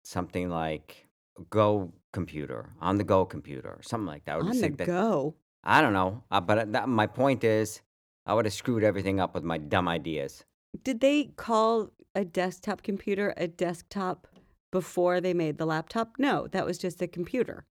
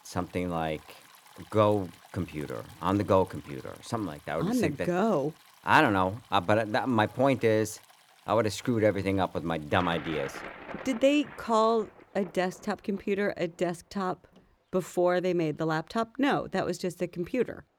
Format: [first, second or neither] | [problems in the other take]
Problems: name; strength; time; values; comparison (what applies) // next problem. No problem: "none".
first | rain or running water; faint; throughout; 20 dB below the speech